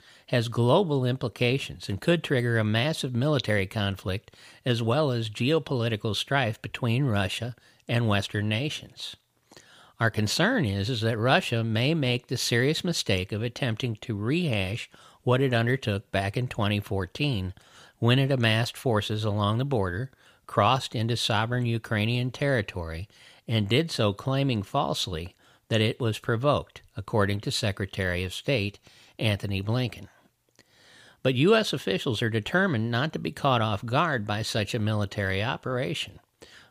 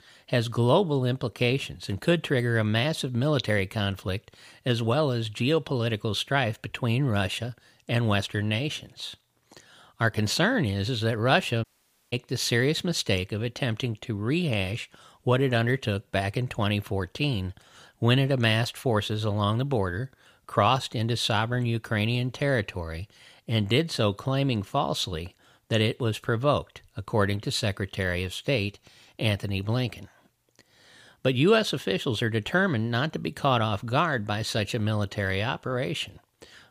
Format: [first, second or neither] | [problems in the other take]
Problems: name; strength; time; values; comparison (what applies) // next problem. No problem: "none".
first | audio cutting out; at 12 s